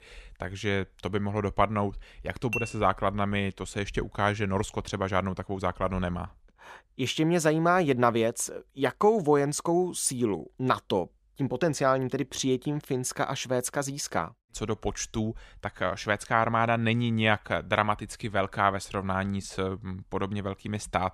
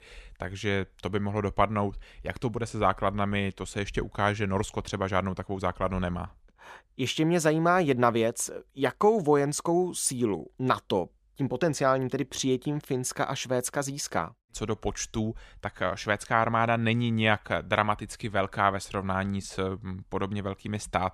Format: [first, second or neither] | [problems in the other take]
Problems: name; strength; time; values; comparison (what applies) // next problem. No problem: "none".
second | clattering dishes; noticeable; at 2.5 s; peak 5 dB below the speech